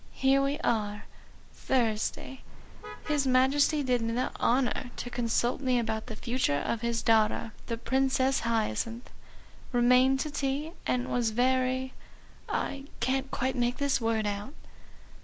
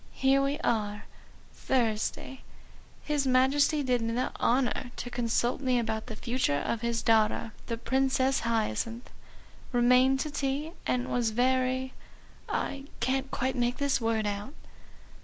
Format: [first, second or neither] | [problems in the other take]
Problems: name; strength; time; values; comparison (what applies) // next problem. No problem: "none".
second | background sound (Motor vehicle (road)); 20 dB below the speech